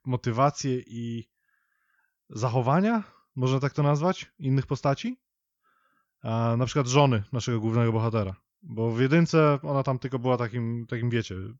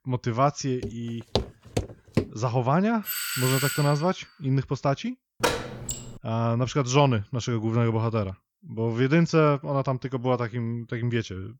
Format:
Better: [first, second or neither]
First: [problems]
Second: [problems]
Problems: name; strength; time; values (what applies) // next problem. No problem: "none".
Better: first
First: none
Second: footsteps; noticeable; from 1 to 2 s; peak 4 dB below the speech // doorbell; noticeable; from 3 to 4 s; peak 1 dB below the speech // door banging; noticeable; at 5.5 s; peak 1 dB below the speech